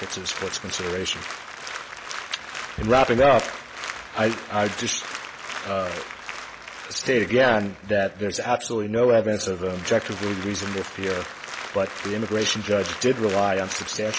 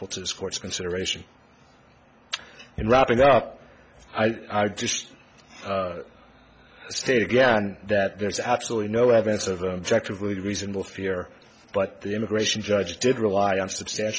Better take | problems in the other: second | background sound (Applause); 11 dB below the speech

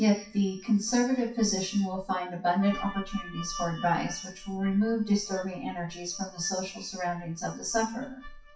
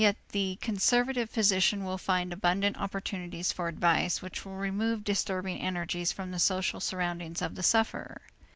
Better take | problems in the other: second | noise reduction (classical method WPE with log-MMSE)

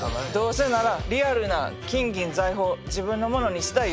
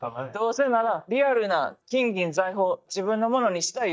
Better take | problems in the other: first | noise reduction (neural mask model DeepFilterNet 3)

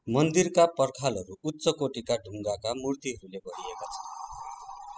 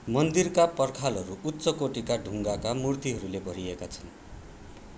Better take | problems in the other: second | noise reduction (classical method spectral subtraction)

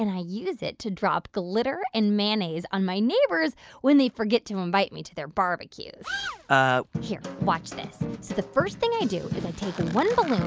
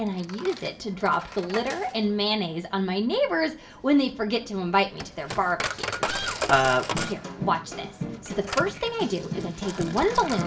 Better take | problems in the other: first | background sound (Coin (dropping)); 10 dB below the speech // room echo; dies away in 0.5 s

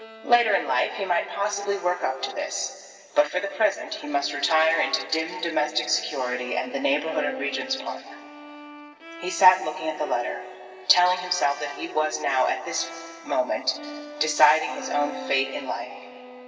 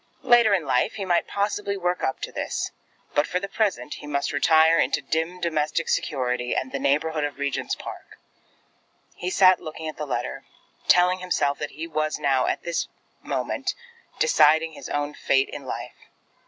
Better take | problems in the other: second | background sound (Bowed string instrument); 16 dB below the speech // room echo; dies away in 2.6 s

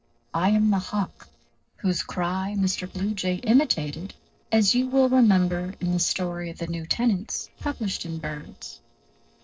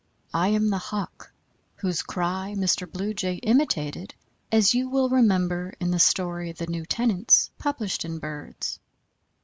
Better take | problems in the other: second | noise reduction (neural separator model SepFormer DNS4)

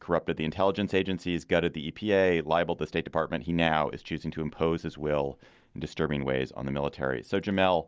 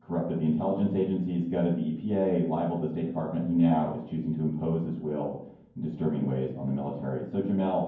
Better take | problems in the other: first | room echo; dies away in 0.9 s

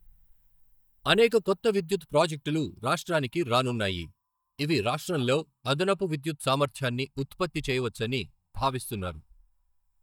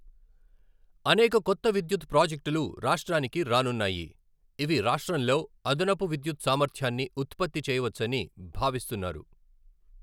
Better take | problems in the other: second | noise reduction (neural mask model DeepFilterNet 3)

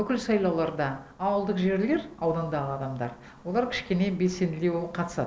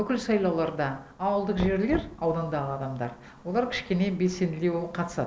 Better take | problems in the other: first | background sound (Knock); 14 dB below the speech

